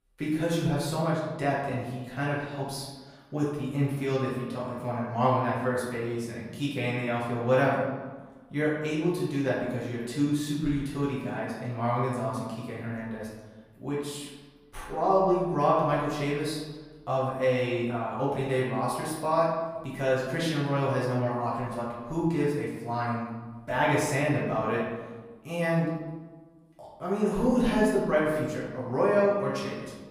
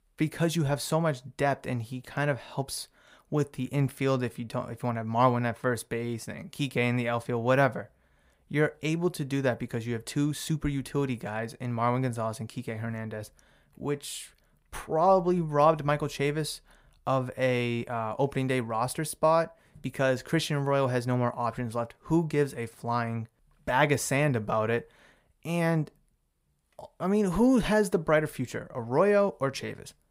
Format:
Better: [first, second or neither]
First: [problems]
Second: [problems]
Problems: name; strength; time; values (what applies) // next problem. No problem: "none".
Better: second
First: room echo; noticeable; dies away in 1.1 s // off-mic speech; far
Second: none